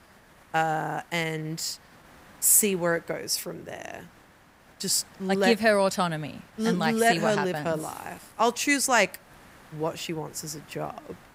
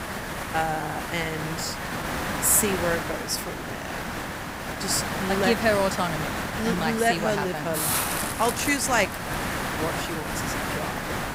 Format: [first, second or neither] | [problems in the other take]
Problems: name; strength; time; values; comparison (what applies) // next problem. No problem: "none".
first | hiss; loud; throughout; 3 dB below the speech; faint in the first